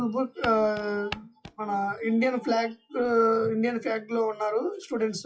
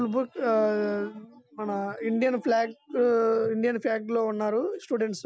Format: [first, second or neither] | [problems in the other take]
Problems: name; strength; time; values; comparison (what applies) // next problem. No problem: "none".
second | noise reduction (classical method WPE with log-MMSE)